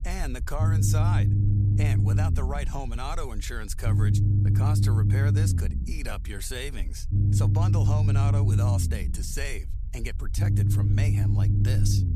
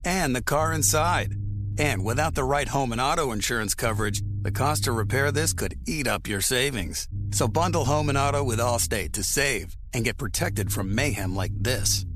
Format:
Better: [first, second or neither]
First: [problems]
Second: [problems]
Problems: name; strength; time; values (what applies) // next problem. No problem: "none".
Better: second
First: low rumble; loud; throughout; as loud as the speech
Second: low rumble; faint; throughout; 20 dB below the speech